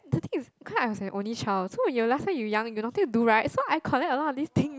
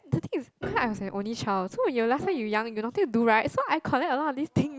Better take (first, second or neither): first